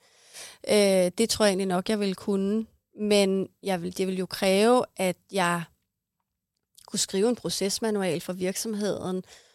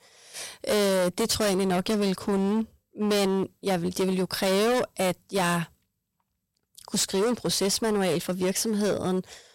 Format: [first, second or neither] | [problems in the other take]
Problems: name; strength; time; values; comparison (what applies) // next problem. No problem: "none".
first | distortion; heavy; 20% of the sound clipped